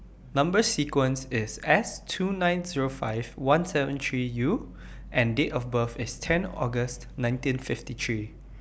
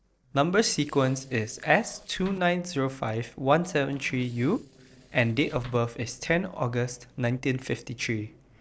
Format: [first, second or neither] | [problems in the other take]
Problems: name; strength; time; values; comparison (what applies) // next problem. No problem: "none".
first | noise reduction (neural separator model SepFormer DNS4)